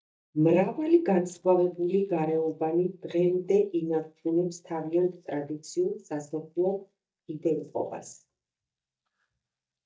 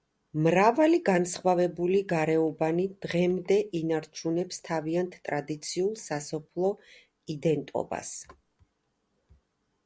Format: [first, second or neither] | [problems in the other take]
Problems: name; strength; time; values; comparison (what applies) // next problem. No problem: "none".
second | noise reduction (neural mask model DeepFilterNet 3)